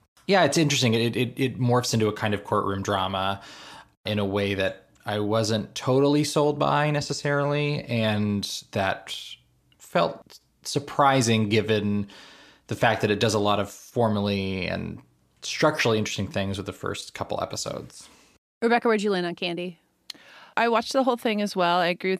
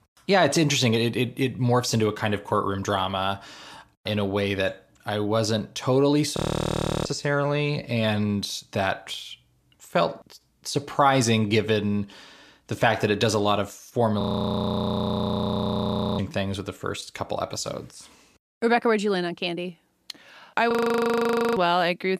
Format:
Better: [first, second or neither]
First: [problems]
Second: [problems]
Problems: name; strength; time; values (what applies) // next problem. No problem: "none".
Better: first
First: none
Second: audio freezing; at 6.5 s for 0.5 s, at 14 s for 2 s and at 21 s for 1 s